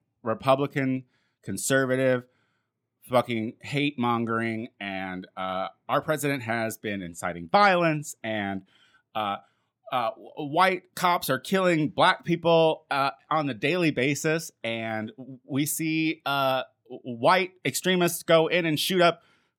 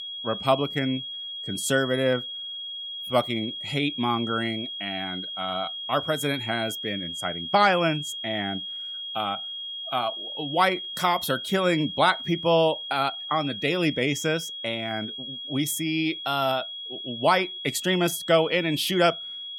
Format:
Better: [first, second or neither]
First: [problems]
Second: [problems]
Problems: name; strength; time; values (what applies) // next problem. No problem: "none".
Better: first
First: none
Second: high-pitched whine; loud; throughout; 3.5 kHz, 7 dB below the speech